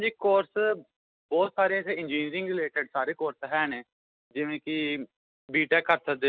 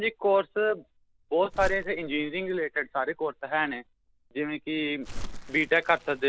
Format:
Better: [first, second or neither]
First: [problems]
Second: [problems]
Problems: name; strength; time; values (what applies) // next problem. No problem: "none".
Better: first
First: none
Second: background sound (Crumpling, crinkling); 12 dB below the speech